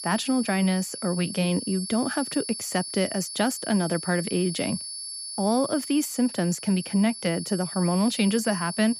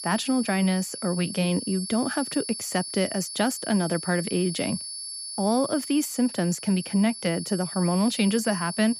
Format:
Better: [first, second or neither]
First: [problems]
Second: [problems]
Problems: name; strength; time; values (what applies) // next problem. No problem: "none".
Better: neither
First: high-pitched whine; loud; throughout; 11 kHz, 8 dB below the speech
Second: high-pitched whine; loud; throughout; 11 kHz, 8 dB below the speech